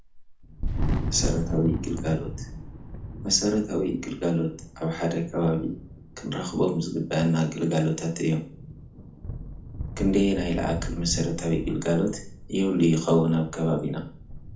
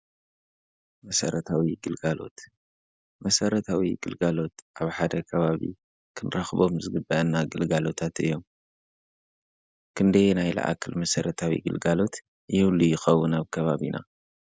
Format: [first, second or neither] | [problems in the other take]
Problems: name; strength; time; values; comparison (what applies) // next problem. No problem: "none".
second | background sound (Thunder); 8 dB below the speech // room echo; dies away in 0.4 s